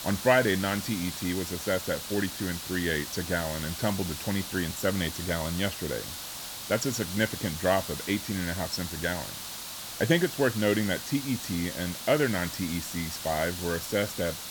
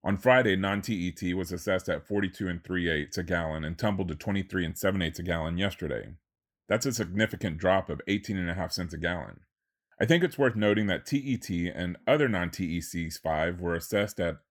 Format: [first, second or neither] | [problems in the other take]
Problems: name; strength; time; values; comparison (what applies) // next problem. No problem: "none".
second | hiss; loud; throughout; 6 dB below the speech